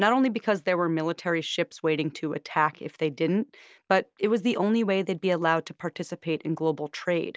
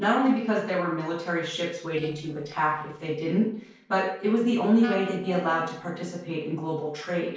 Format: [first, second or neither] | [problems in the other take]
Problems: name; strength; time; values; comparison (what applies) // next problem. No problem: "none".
first | noise reduction (neural separator model SepFormer DNS4)